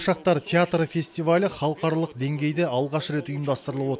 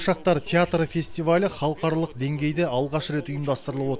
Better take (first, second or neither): first